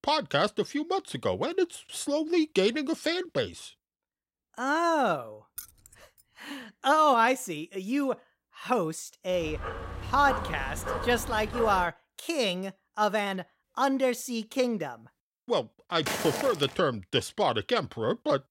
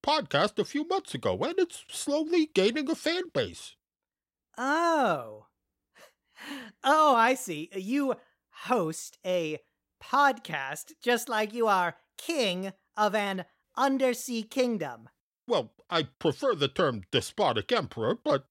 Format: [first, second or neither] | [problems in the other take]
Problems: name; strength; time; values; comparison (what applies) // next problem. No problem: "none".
second | jangling keys; faint; at 5.5 s; peak 15 dB below the speech // dog barking; noticeable; from 9.5 to 12 s; peak 5 dB below the speech // footsteps; noticeable; at 16 s; peak 3 dB below the speech